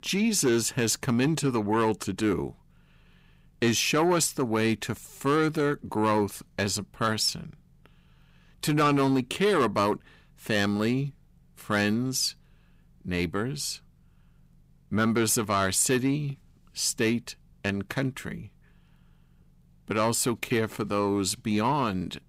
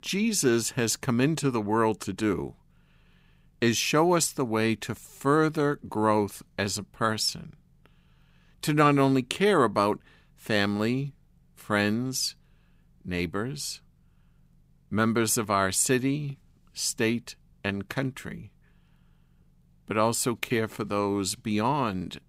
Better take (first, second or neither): second